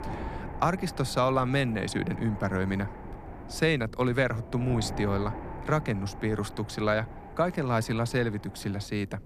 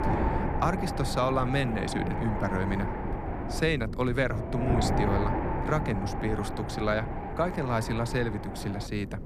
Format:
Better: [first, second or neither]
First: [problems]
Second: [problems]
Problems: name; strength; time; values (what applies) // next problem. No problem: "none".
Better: first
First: wind noise on the microphone; occasional gusts; 15 dB below the speech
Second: wind noise on the microphone; heavy; 3 dB below the speech